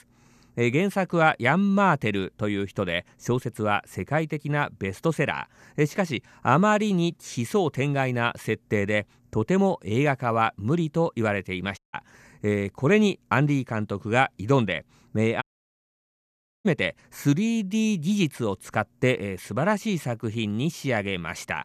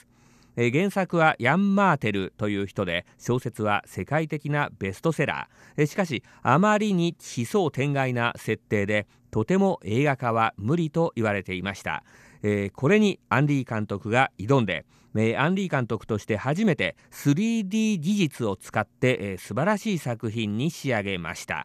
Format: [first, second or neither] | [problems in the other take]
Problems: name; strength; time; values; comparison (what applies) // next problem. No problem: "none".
second | audio cutting out; at 12 s and at 15 s for 1 s